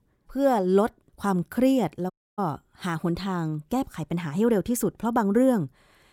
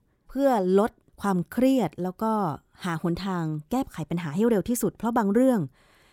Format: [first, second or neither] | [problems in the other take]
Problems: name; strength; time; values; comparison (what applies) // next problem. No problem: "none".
second | audio cutting out; at 2 s